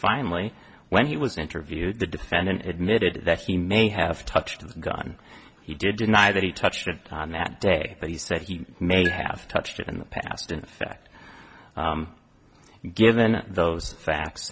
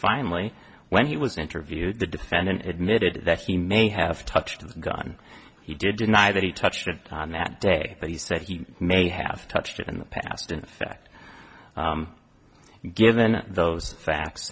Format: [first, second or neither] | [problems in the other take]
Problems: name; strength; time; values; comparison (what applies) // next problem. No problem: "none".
second | background sound (Marimba, xylophone); 11 dB below the speech